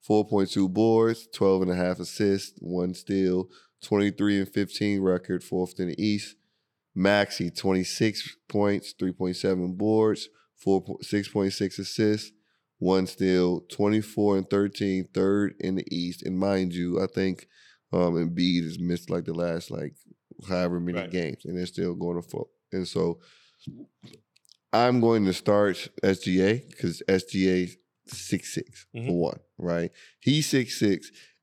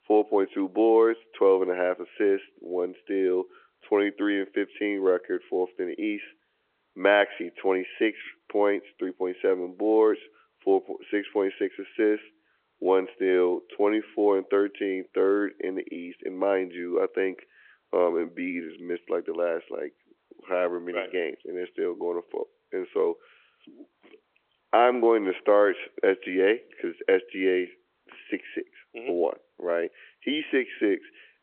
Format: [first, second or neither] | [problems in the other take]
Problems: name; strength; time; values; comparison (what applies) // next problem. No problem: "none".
first | phone-call audio